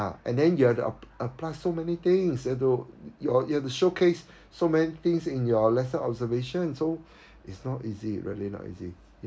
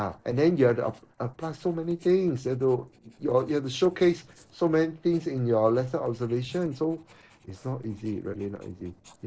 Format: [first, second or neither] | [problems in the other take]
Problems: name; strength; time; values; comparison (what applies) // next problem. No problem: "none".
first | noise reduction (neural separator model SepFormer DNS4)